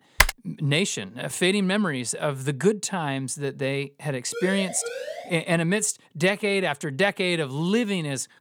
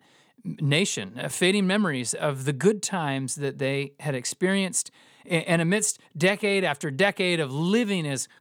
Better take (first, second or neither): second